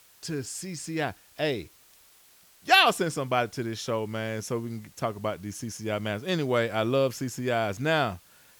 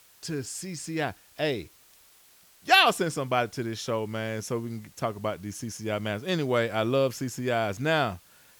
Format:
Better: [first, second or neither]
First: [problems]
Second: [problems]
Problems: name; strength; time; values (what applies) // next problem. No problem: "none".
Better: neither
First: hiss; faint; throughout; 25 dB below the speech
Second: hiss; faint; throughout; 25 dB below the speech